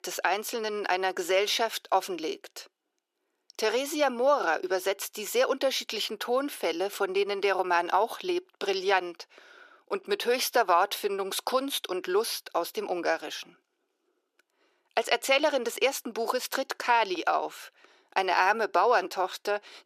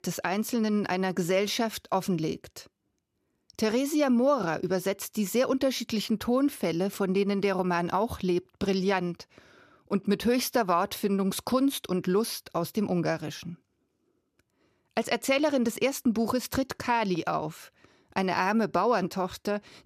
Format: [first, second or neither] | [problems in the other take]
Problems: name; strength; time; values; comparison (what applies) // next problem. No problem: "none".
second | thin; very; fading below 400 Hz